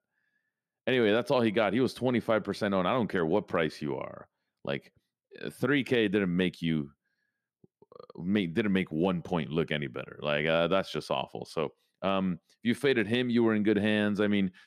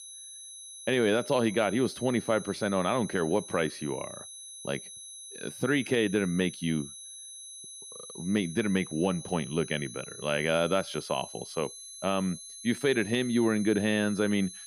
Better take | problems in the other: first | high-pitched whine; noticeable; throughout; 10.5 kHz, 15 dB below the speech

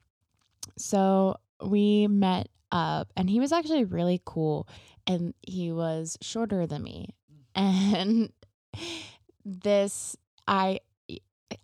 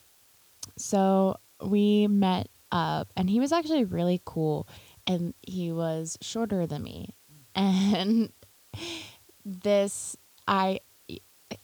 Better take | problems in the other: first | hiss; faint; throughout; 30 dB below the speech

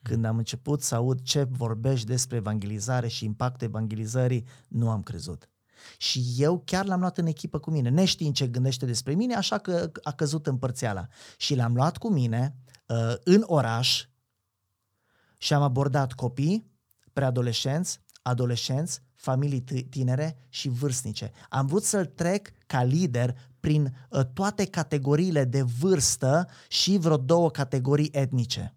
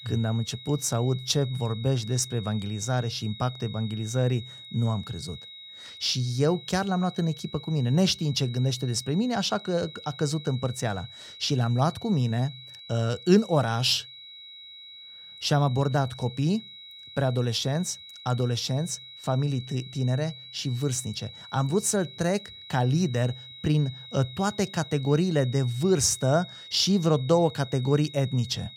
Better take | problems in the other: first | high-pitched whine; noticeable; throughout; 4 kHz, 15 dB below the speech

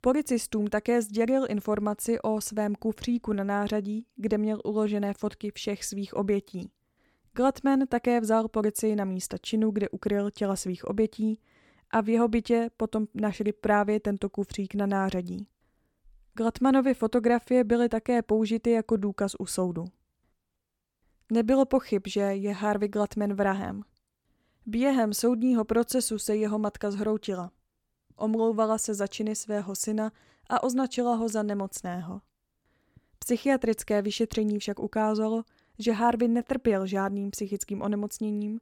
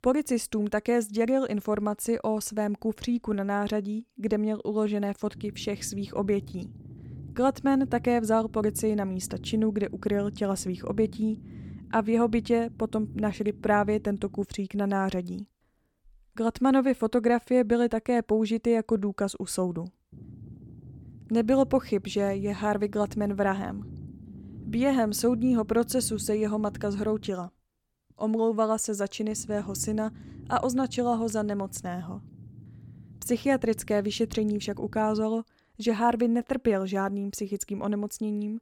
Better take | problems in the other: first | low rumble; faint; from 5.5 to 14 s, from 20 to 27 s and from 29 to 35 s; 25 dB below the speech

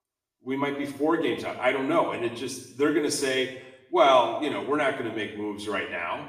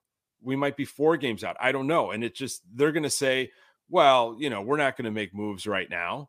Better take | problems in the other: second | room echo; noticeable; dies away in 0.8 s // off-mic speech; far

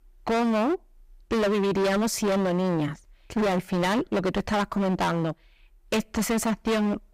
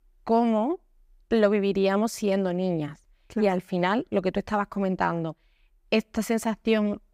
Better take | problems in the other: second | distortion; heavy; 25% of the sound clipped

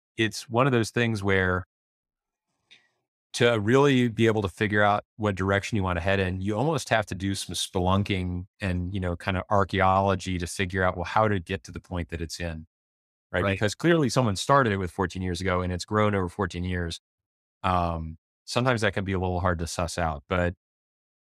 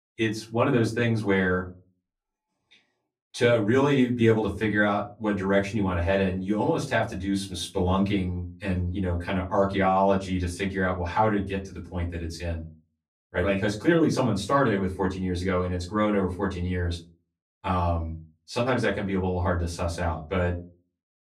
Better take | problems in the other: first | off-mic speech; far // room echo; very slight; dies away in 0.3 s

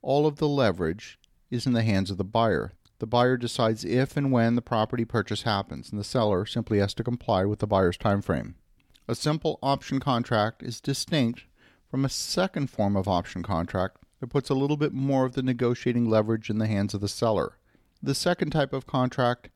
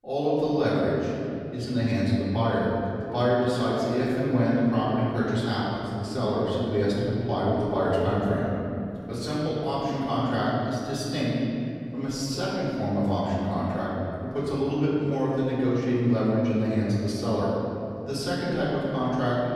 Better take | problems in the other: first | off-mic speech; far // room echo; strong; dies away in 2.7 s

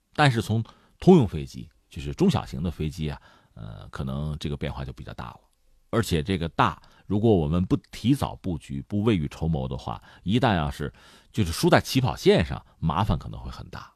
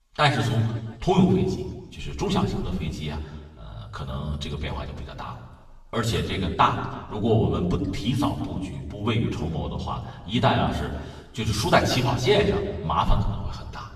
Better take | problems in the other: first | room echo; slight; dies away in 1.2 s // off-mic speech; far

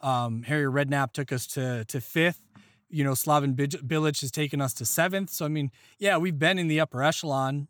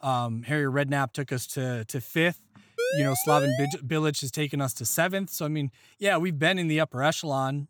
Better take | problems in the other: first | siren; noticeable; at 3 s; peak 1 dB below the speech

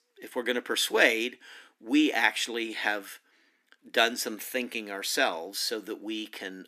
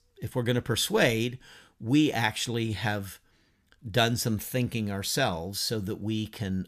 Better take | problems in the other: second | thin; somewhat; fading below 250 Hz

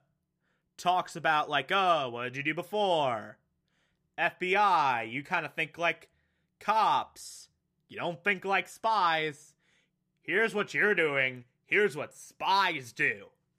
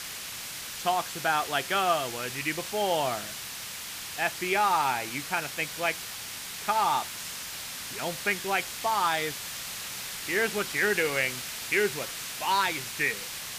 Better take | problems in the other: first | hiss; loud; throughout; 7 dB below the speech

